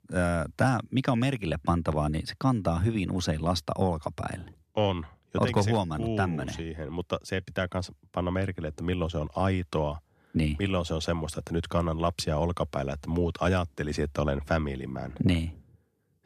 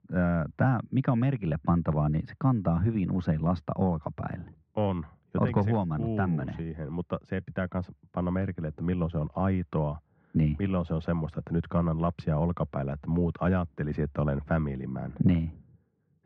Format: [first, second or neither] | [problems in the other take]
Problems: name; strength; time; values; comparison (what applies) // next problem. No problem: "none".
first | muffled; very; fading above 1.5 kHz